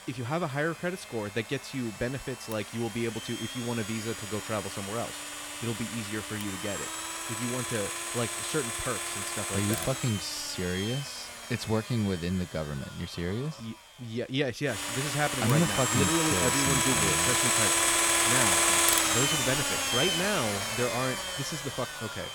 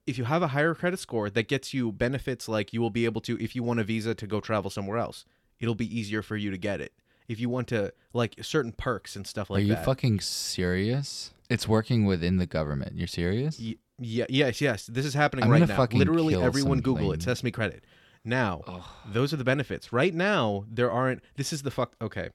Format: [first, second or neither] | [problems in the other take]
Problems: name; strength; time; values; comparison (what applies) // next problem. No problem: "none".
second | household noises; very loud; throughout; 5 dB above the speech